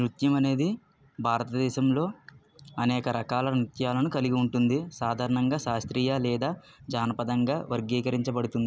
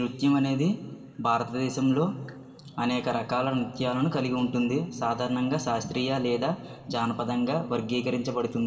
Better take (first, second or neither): first